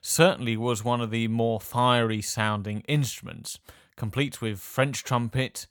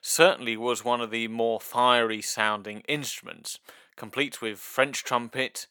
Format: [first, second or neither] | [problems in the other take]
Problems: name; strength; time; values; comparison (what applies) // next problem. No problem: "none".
first | thin; somewhat; fading below 350 Hz